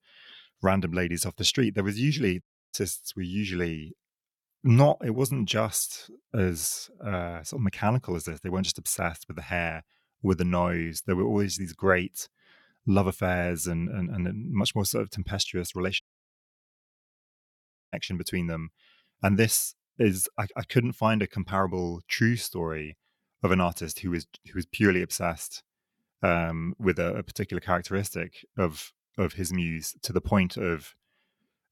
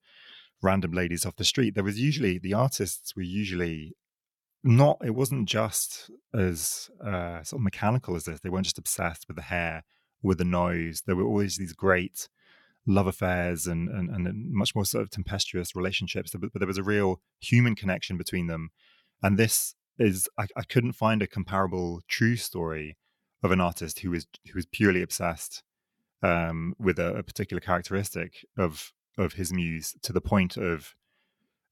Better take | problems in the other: second | audio cutting out; at 2.5 s and at 16 s for 2 s

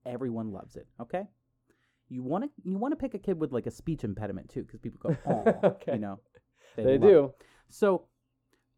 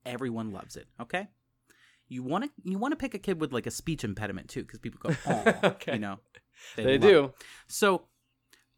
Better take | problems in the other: second | muffled; very; fading above 1 kHz

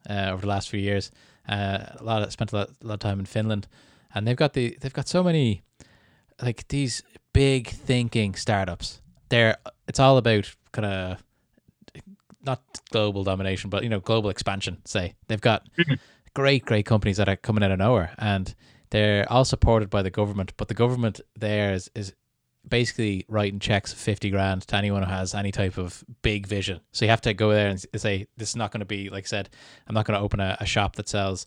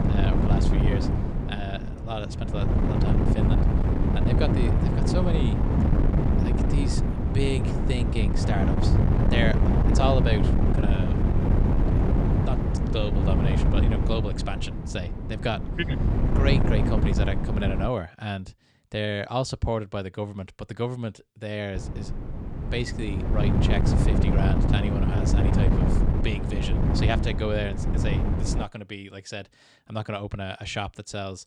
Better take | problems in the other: first | wind noise on the microphone; heavy; until 18 s and from 22 to 29 s; as loud as the speech

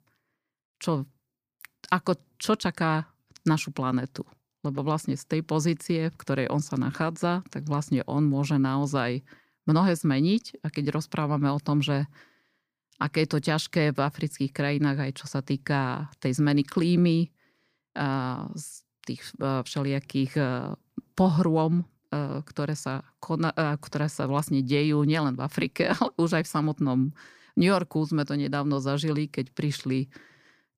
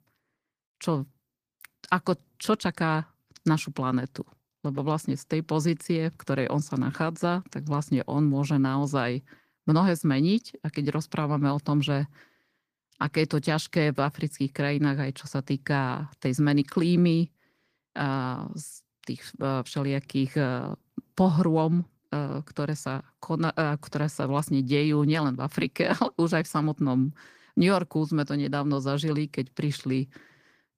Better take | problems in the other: first | garbled, watery; slightly; nothing above 15 kHz

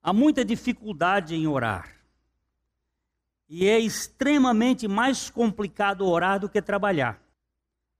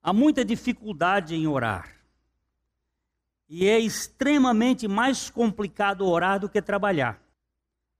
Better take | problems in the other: neither | none

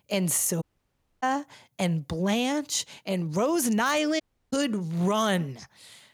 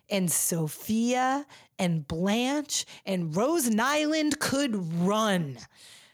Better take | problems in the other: second | audio cutting out; at 0.5 s for 0.5 s and at 4 s

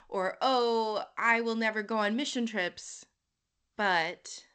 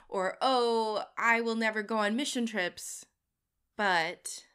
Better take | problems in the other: second | garbled, watery; slightly; nothing above 8 kHz

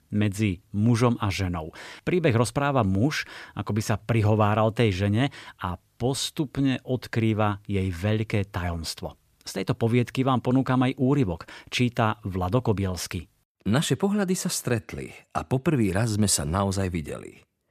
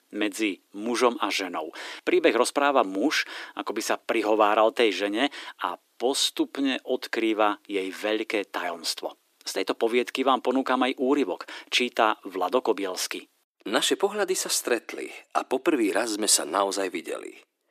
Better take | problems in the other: first | thin; somewhat; fading below 300 Hz

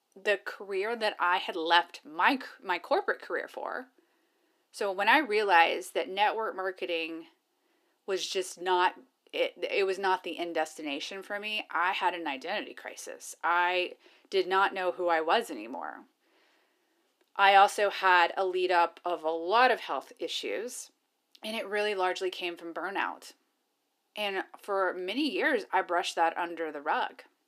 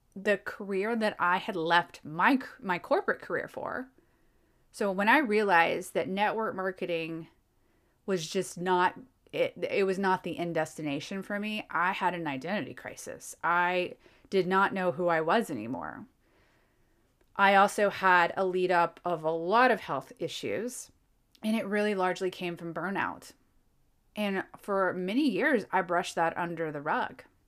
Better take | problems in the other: second | thin; somewhat; fading below 300 Hz

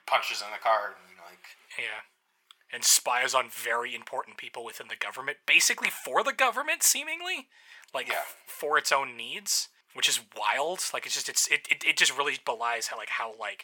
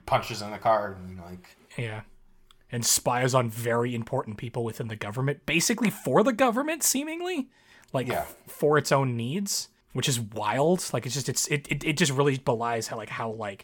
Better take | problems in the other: second | thin; very; fading below 850 Hz

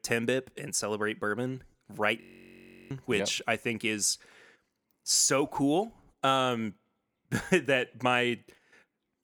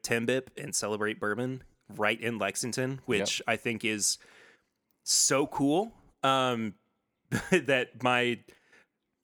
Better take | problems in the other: second | audio freezing; at 2 s for 0.5 s

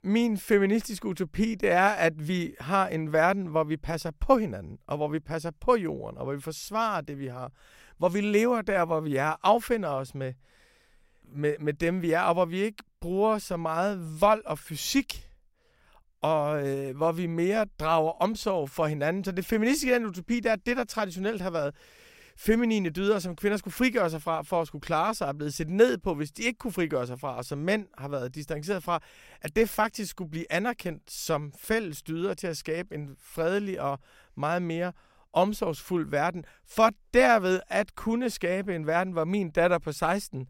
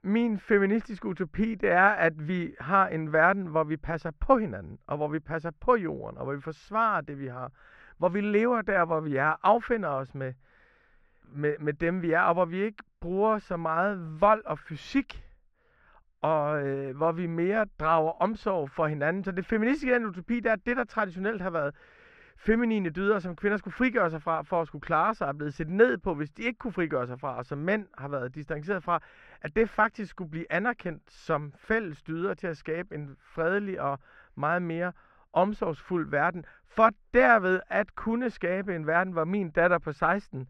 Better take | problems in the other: first | muffled; very; fading above 2 kHz

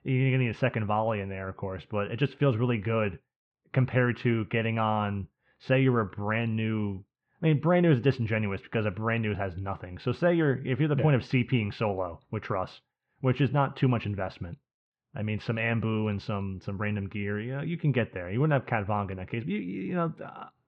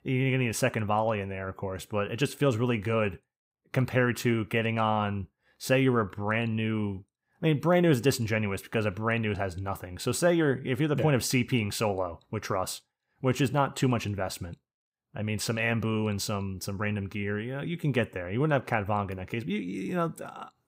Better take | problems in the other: second | muffled; very; fading above 3 kHz

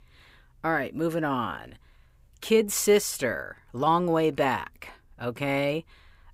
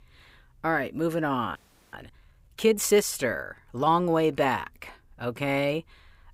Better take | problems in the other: first | audio freezing; at 1.5 s

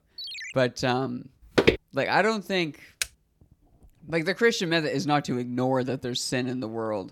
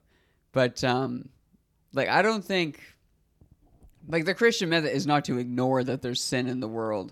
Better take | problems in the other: second | phone ringing; noticeable; at the start; peak 8 dB below the speech // footsteps; loud; at 1.5 s; peak 4 dB above the speech // keyboard typing; very faint; at 3 s; peak 6 dB below the speech

